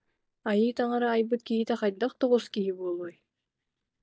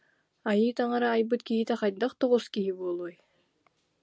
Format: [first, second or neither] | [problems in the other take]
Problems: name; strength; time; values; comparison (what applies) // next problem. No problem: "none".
second | noise reduction (neural mask model DeepFilterNet 3)